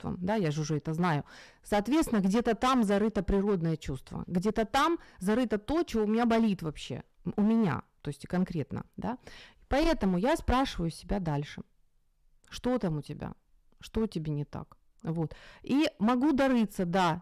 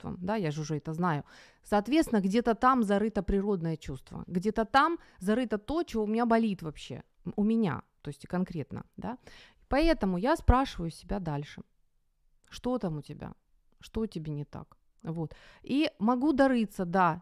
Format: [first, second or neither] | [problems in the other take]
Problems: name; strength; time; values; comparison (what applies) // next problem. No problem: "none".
second | distortion; heavy; 8% of the sound clipped